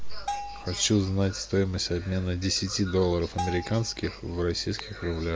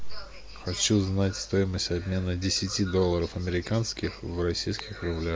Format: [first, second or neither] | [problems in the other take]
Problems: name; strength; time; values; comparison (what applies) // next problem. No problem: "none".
second | background sound (Bell); 12 dB below the speech